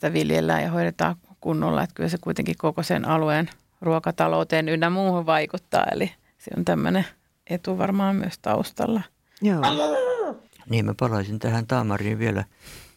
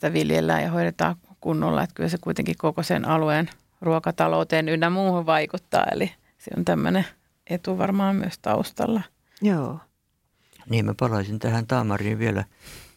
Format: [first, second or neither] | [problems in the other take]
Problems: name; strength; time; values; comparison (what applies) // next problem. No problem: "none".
second | dog barking; loud; at 9.5 s; peak 3 dB above the speech